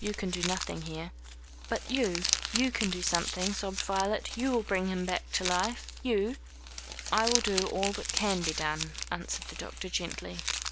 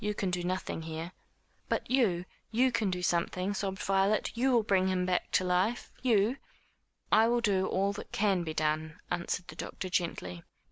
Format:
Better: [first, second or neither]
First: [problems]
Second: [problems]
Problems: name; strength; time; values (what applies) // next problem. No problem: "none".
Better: second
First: background sound (Crumpling, crinkling); 4 dB below the speech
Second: none